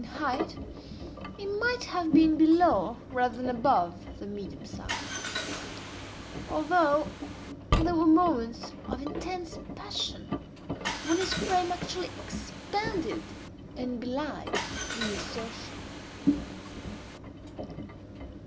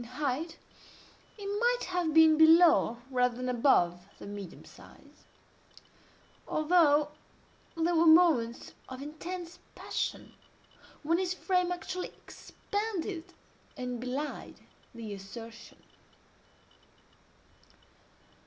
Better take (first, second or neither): second